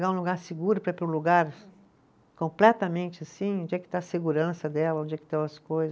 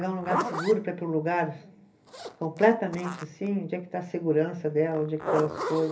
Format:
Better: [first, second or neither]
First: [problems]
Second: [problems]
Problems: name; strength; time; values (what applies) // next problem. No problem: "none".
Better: first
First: none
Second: background sound (Zipper (clothing)); 8 dB below the speech // room echo; dies away in 0.3 s